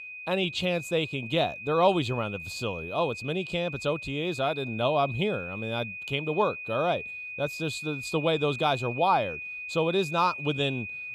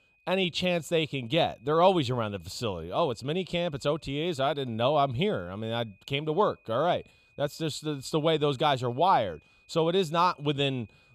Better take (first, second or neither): second